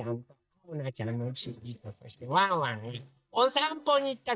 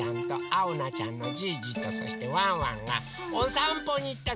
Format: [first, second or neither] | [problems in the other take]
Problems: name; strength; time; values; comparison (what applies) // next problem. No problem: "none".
second | noise reduction (neural mask model DeepFilterNet 3)